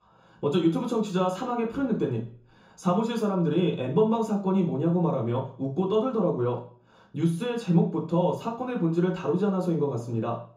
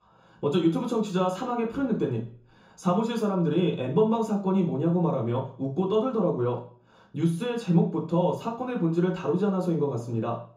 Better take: neither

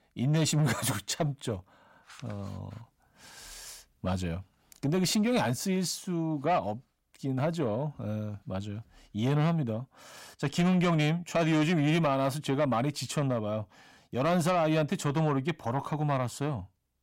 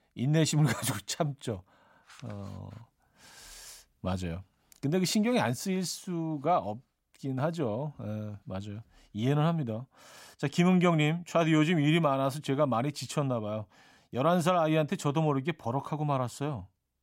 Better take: second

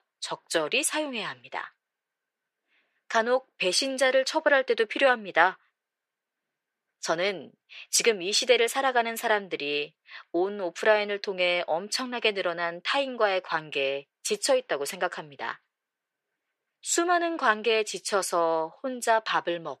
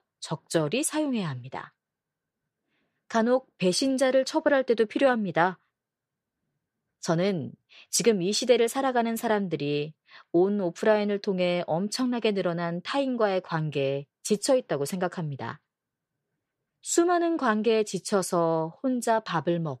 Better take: second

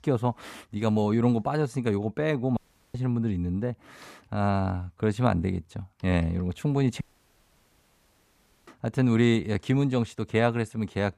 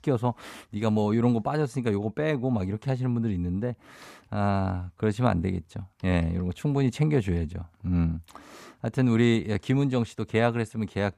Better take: second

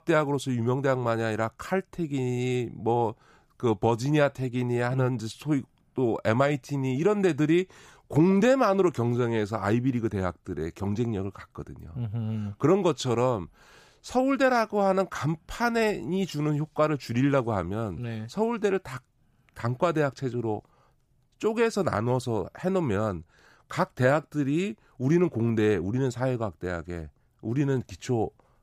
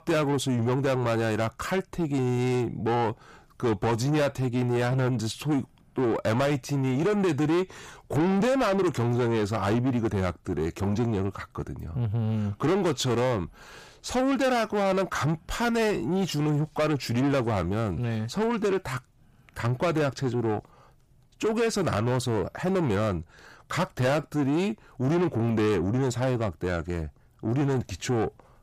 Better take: first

